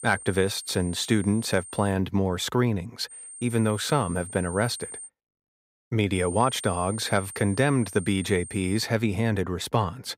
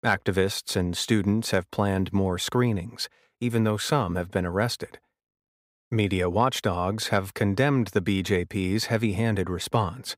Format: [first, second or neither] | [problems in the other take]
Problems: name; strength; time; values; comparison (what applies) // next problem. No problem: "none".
second | high-pitched whine; noticeable; until 2 s, from 3 to 5 s and from 6 to 9 s; 8.5 kHz, 15 dB below the speech